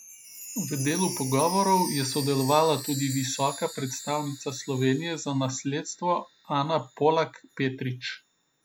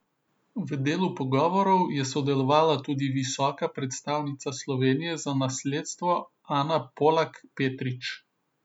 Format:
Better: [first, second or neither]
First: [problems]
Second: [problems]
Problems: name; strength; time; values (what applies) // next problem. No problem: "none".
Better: second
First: background sound (Chime); 12 dB below the speech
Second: none